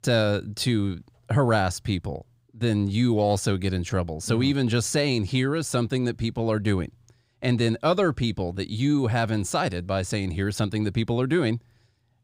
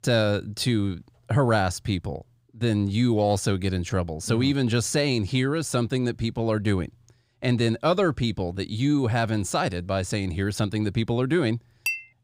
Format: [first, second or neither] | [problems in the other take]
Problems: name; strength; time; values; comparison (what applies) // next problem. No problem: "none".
first | clattering dishes; noticeable; at 12 s; peak 3 dB below the speech